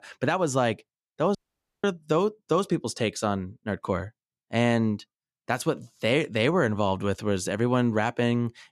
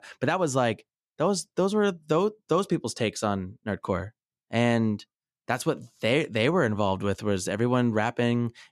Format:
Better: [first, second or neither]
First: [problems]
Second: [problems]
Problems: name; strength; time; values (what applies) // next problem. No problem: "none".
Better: second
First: audio cutting out; at 1.5 s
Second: none